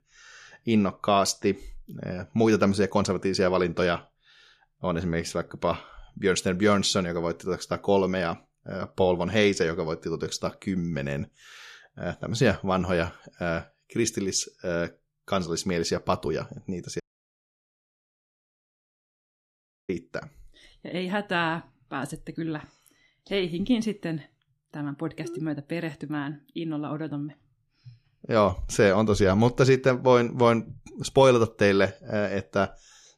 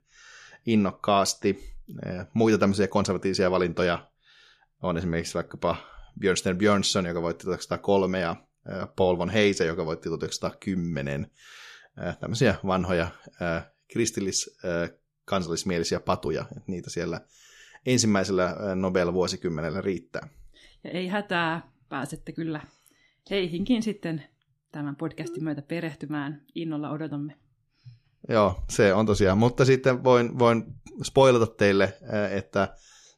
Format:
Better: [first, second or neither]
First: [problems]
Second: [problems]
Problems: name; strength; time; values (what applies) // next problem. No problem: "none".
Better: second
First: audio cutting out; at 17 s for 3 s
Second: none